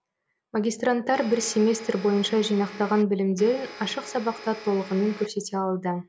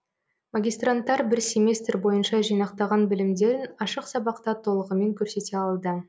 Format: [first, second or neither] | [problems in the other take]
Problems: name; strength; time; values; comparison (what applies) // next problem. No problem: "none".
second | background sound (Domestic sounds, home sounds); 16 dB below the speech